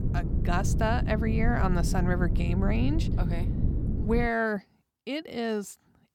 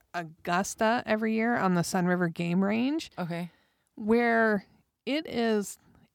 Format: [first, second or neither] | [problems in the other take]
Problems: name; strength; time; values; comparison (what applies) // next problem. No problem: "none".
second | wind noise on the microphone; heavy; until 4.5 s; 9 dB below the speech